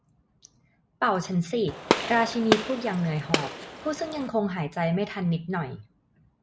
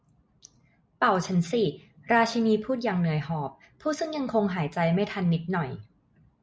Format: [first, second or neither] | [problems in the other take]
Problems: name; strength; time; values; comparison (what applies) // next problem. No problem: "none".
second | background sound (Gunshot, gunfire); 1 dB below the speech